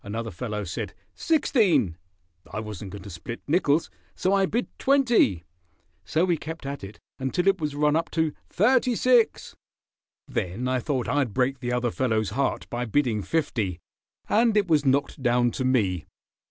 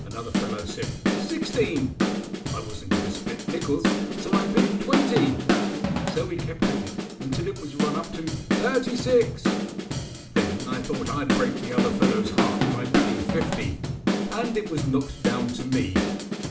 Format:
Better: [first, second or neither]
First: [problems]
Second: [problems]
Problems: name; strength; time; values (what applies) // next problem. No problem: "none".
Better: first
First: none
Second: background sound (Drum / Drum kit); 3 dB above the speech // room echo; dies away in 0.4 s